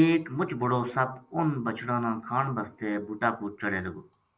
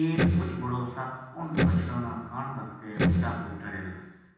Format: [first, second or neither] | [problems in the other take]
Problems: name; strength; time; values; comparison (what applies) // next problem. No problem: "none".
first | background sound (Electric guitar); 5 dB above the speech // room echo; dies away in 1 s